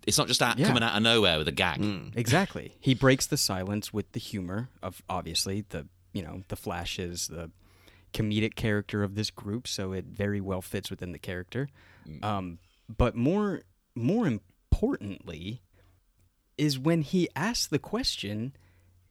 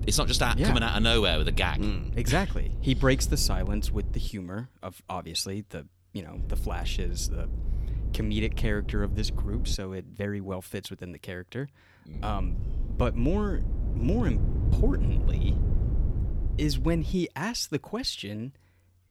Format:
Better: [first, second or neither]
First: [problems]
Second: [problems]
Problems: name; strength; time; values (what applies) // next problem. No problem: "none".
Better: first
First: none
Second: low rumble; noticeable; until 4.5 s, from 6.5 to 10 s and from 12 to 17 s; 15 dB below the speech